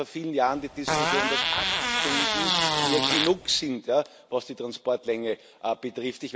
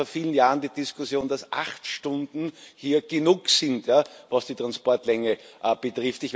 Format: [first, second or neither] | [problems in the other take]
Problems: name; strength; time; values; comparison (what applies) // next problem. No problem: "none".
second | background sound (Fart); 3 dB above the speech